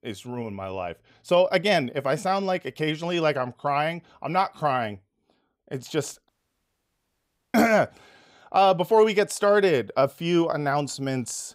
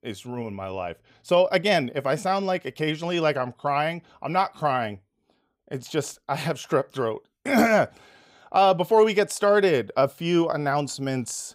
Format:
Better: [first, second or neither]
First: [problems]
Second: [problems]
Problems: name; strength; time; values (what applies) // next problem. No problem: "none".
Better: second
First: audio cutting out; at 6.5 s for 1.5 s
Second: none